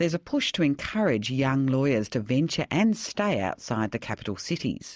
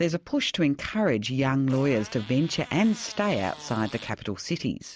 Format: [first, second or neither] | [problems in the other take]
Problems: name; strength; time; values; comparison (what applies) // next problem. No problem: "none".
first | background sound (Fart); 19 dB below the speech